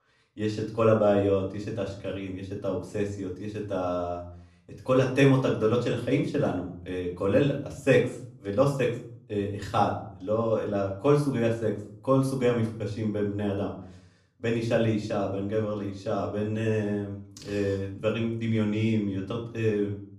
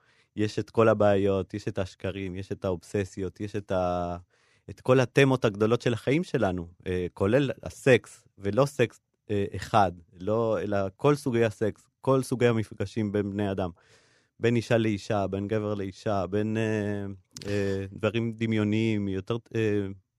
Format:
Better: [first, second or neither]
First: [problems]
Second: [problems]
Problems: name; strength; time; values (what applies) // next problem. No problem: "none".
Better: second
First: off-mic speech; far // room echo; slight; dies away in 0.5 s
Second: none